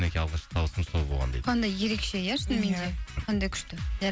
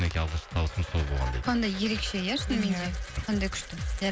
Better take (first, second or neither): first